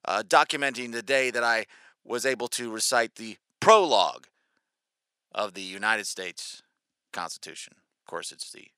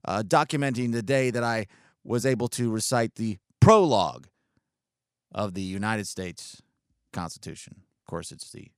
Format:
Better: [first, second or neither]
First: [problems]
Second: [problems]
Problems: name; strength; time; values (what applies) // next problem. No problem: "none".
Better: second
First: thin; very; fading below 500 Hz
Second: none